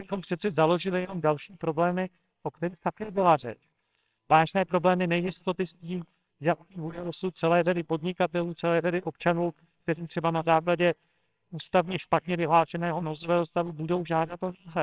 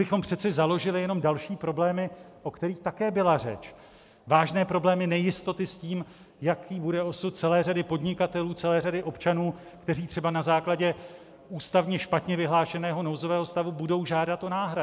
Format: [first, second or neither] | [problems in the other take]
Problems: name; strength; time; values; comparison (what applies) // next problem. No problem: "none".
second | noise reduction (neural separator model SepFormer WHAMR!)